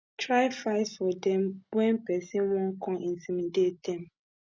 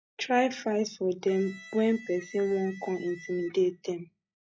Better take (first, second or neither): first